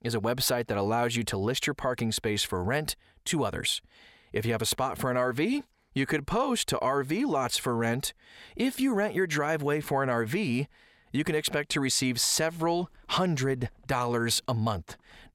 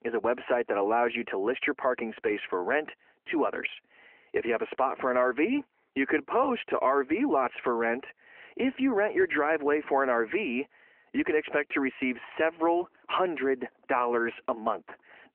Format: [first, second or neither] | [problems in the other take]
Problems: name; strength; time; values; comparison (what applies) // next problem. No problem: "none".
first | phone-call audio